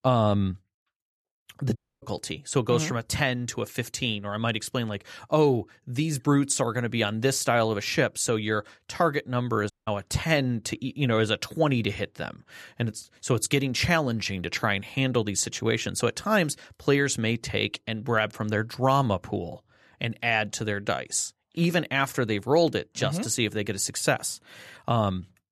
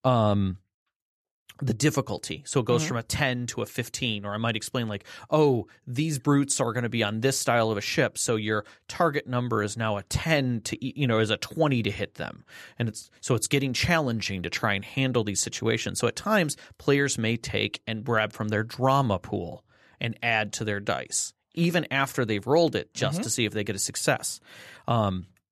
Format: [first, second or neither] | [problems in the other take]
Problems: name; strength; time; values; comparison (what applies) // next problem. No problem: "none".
second | audio cutting out; at 2 s and at 9.5 s